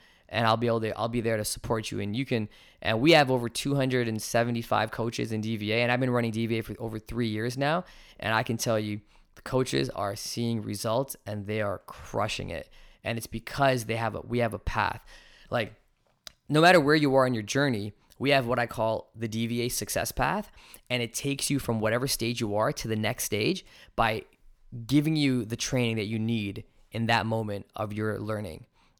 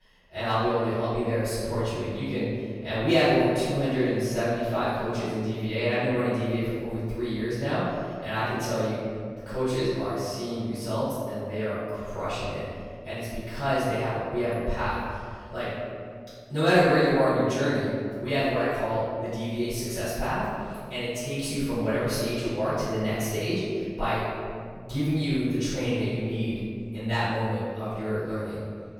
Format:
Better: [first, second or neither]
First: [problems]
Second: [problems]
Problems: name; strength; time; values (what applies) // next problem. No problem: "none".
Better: first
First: none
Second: off-mic speech; far // room echo; strong; dies away in 2 s